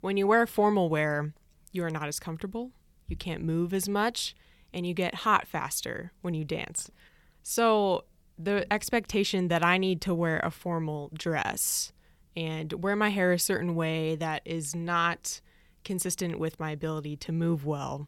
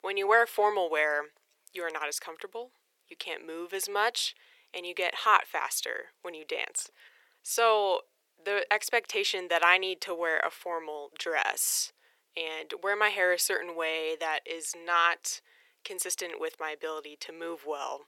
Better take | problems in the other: first | thin; very; fading below 400 Hz

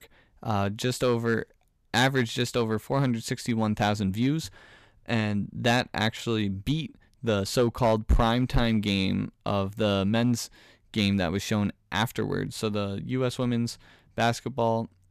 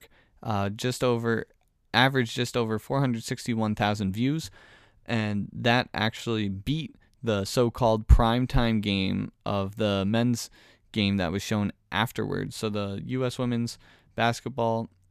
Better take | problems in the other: second | distortion; slight; 2% of the sound clipped

